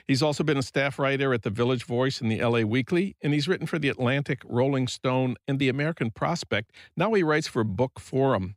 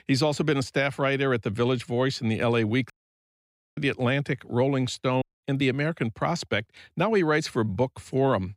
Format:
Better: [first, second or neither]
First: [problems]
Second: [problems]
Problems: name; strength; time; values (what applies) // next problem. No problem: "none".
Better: first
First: none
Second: audio cutting out; at 3 s for 1 s and at 5 s